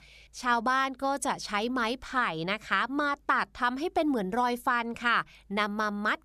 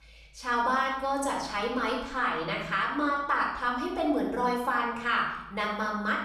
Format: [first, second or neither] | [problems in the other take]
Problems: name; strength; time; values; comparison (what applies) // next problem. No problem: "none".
first | off-mic speech; far // room echo; noticeable; dies away in 0.8 s